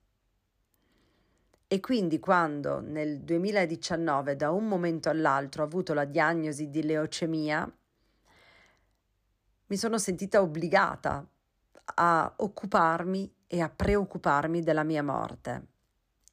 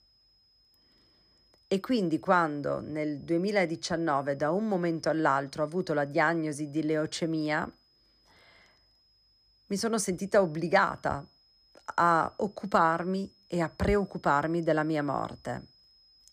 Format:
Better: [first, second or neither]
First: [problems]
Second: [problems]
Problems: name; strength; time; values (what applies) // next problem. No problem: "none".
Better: first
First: none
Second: high-pitched whine; faint; throughout; 5 kHz, 35 dB below the speech